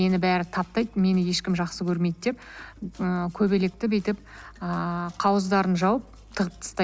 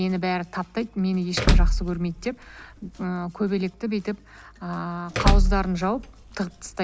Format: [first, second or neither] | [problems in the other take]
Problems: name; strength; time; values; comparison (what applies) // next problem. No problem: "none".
first | background sound (Door / Car); 5 dB above the speech